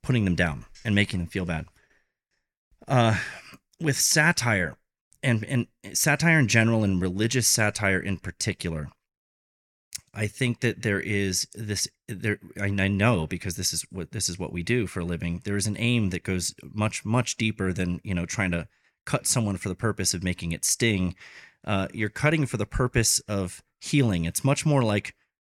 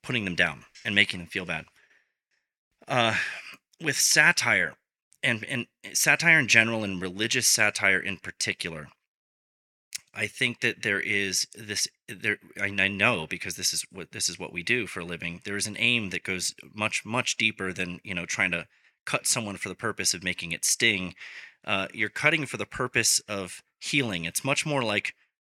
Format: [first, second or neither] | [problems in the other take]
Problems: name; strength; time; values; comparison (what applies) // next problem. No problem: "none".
first | thin; somewhat; fading below 750 Hz